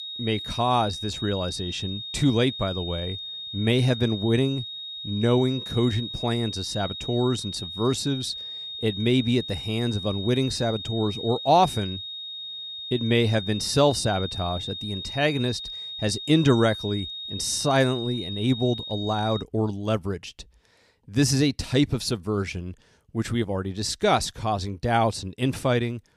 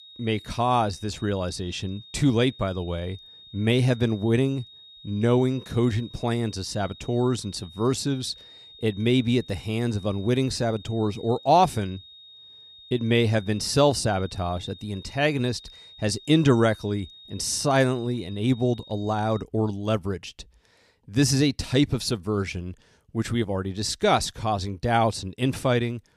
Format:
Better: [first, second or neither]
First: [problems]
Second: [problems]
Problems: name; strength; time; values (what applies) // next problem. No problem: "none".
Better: second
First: high-pitched whine; loud; until 19 s; 3.5 kHz, 8 dB below the speech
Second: high-pitched whine; faint; until 19 s; 3.5 kHz, 20 dB below the speech